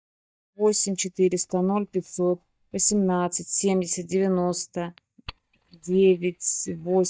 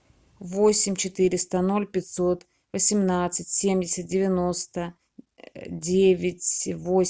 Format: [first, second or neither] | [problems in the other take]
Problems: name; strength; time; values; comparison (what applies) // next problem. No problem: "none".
second | noise reduction (neural mask model DeepFilterNet 3)